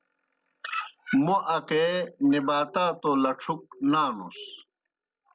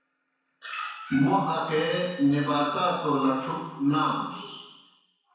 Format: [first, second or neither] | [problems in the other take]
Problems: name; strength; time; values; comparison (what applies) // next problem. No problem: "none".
first | room echo; dies away in 1 s